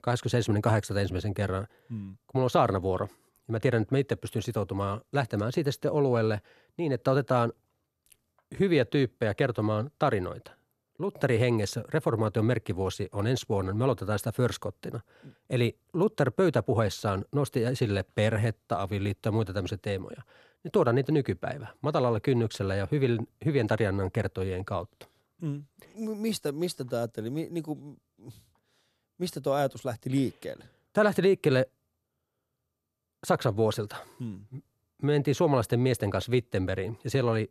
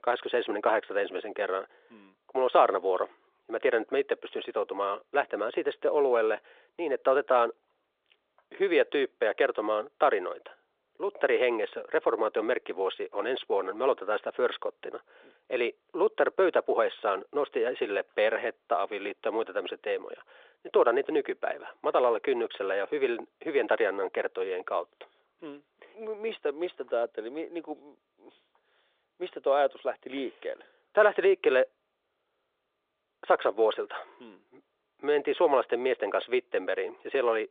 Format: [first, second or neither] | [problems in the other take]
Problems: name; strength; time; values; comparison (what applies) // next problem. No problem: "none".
first | phone-call audio; nothing above 3.5 kHz